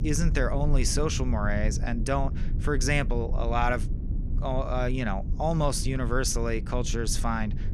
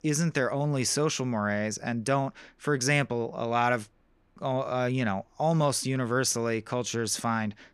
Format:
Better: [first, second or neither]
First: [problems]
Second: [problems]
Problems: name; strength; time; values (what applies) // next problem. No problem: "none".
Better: second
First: low rumble; noticeable; throughout; 15 dB below the speech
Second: none